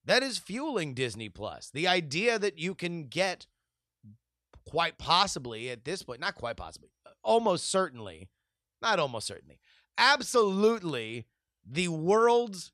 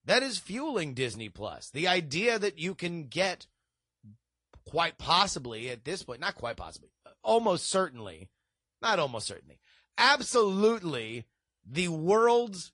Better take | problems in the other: first | garbled, watery; slightly; nothing above 10 kHz

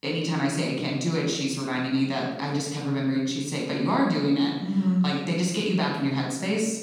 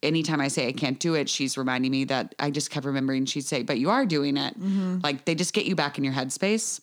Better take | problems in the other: second | off-mic speech; far // room echo; noticeable; dies away in 1 s

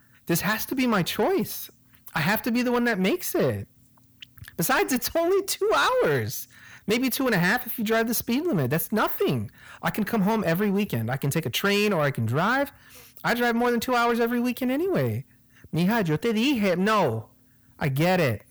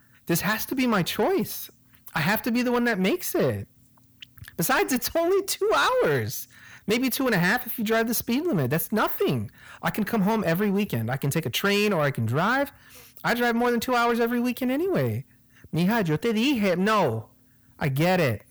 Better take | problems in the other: neither | distortion; slight; 10 dB below the speech; the same in both

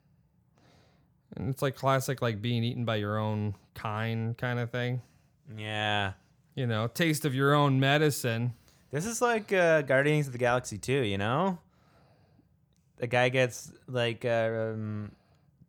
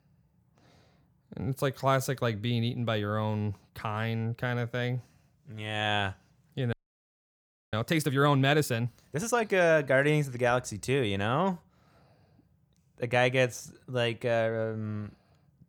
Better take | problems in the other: first | audio freezing; at 6.5 s for 1 s

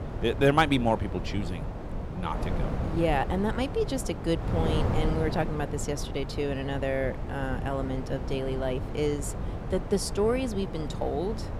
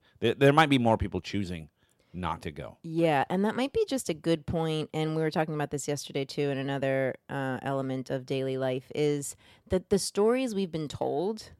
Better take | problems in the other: second | wind noise on the microphone; heavy; 9 dB below the speech

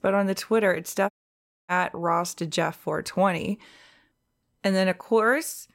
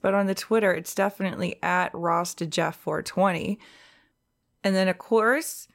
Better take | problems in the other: second | audio cutting out; at 1 s for 0.5 s

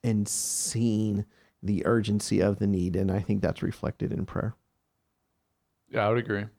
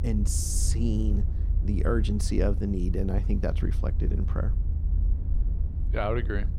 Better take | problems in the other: first | low rumble; noticeable; throughout; 15 dB below the speech

